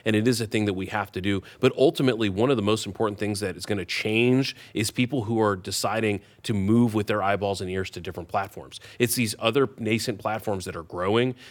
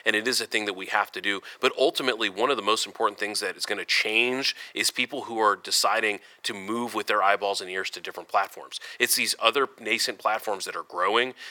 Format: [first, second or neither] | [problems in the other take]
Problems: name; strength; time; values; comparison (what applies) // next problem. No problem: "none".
first | thin; very; fading below 550 Hz